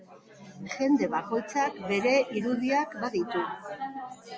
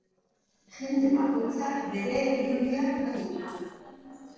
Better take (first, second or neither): first